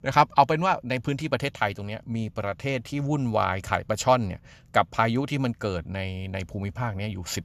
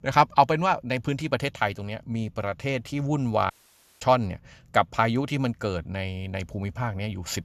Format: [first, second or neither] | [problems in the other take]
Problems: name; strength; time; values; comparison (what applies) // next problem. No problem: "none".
first | audio cutting out; at 3.5 s for 0.5 s